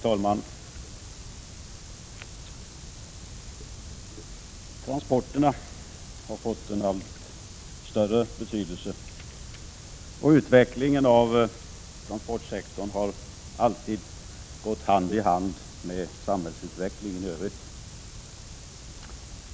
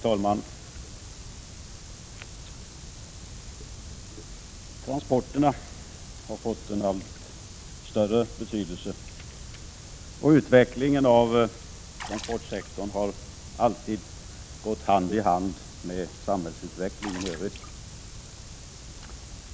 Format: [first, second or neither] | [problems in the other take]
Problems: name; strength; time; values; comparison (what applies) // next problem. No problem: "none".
first | background sound (Water / Splash, splatter); 16 dB below the speech